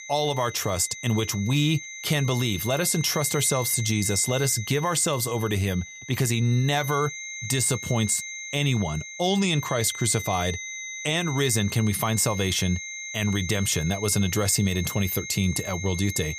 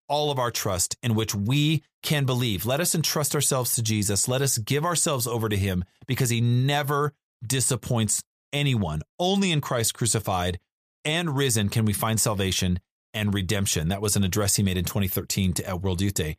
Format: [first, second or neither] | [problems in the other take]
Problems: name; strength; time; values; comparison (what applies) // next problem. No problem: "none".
second | high-pitched whine; loud; throughout; 2 kHz, 10 dB below the speech